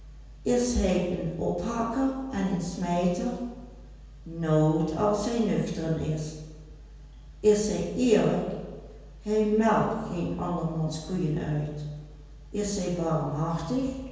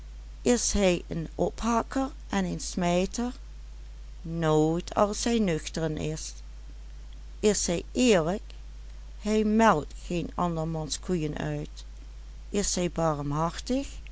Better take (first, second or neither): second